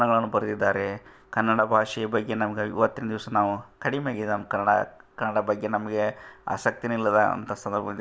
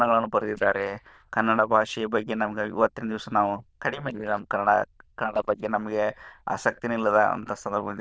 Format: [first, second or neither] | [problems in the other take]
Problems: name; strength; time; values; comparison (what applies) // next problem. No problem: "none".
first | noise reduction (neural diffusion model UNIVERSE++)